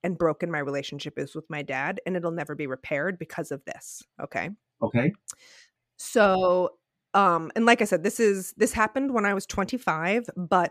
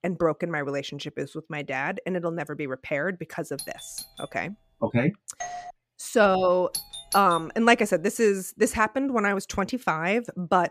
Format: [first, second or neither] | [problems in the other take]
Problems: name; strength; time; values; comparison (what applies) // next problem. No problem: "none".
first | doorbell; faint; at 3.5 s and at 5.5 s; peak 10 dB below the speech // doorbell; noticeable; at 6.5 s; peak 6 dB below the speech